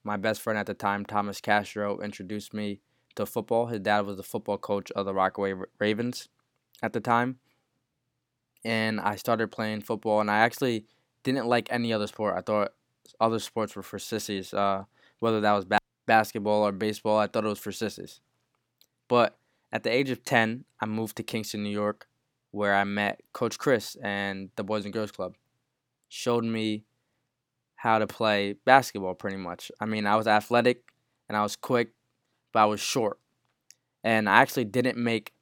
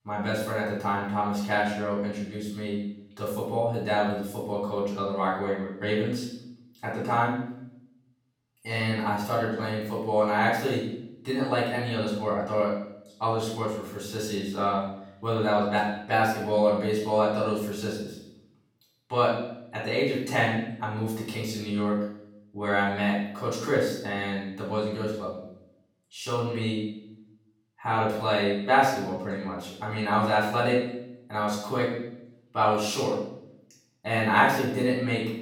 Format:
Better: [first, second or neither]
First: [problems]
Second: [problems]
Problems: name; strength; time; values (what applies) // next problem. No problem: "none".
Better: first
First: none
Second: off-mic speech; far // room echo; noticeable; dies away in 0.7 s